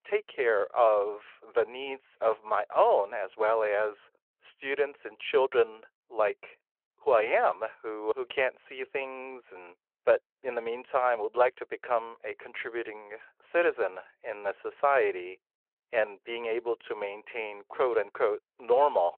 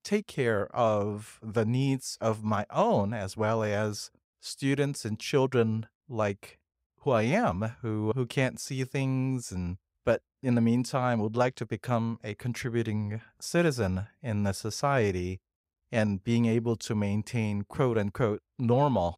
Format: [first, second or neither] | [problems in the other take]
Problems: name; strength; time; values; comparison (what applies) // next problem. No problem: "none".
second | phone-call audio